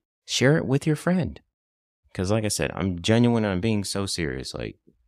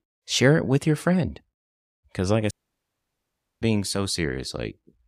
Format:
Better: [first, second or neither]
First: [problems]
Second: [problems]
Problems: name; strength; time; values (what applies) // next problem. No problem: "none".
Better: first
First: none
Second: audio cutting out; at 2.5 s for 1 s